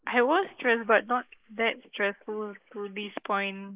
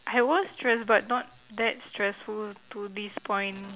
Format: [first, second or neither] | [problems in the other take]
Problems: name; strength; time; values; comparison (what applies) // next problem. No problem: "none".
second | noise reduction (neural mask model Resemble Enhance denoiser)